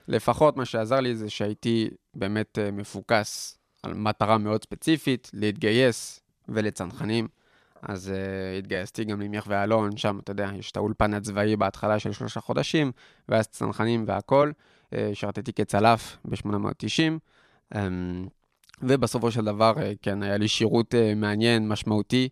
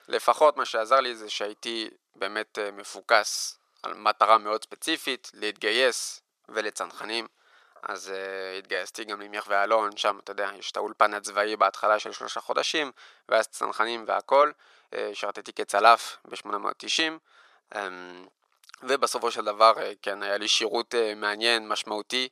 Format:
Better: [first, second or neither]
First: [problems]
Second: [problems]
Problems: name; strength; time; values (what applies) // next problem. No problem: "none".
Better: first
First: none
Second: thin; very; fading below 500 Hz